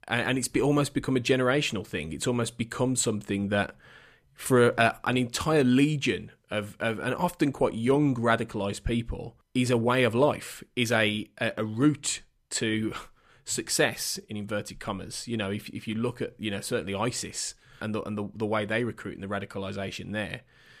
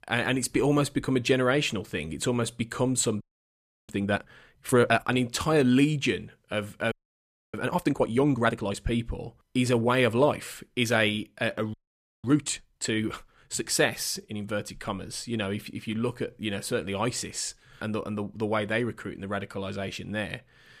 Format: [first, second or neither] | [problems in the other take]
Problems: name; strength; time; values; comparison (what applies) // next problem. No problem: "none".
first | audio freezing; at 3 s for 0.5 s, at 7 s for 0.5 s and at 12 s for 0.5 s